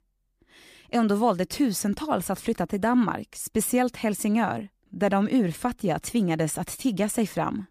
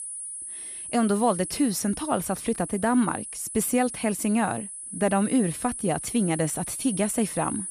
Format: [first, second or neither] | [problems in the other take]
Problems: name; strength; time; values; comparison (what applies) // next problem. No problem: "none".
first | high-pitched whine; loud; throughout; 10 kHz, 8 dB below the speech